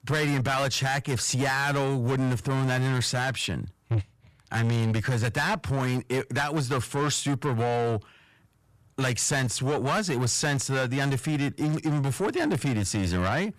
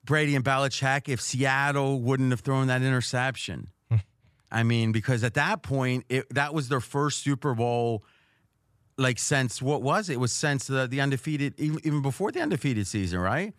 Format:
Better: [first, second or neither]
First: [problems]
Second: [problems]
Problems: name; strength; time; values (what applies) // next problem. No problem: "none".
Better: second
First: distortion; heavy; 7 dB below the speech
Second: none